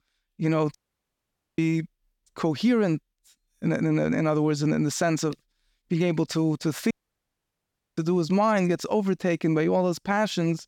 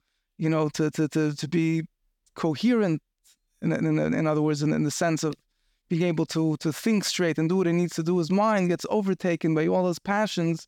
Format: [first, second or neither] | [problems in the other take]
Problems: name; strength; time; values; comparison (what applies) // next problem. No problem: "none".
second | audio cutting out; at 1 s for 1 s and at 7 s for 1 s